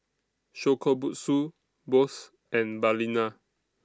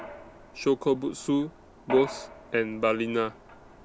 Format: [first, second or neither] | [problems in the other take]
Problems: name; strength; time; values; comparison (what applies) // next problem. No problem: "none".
first | background sound (Mechanisms); 14 dB below the speech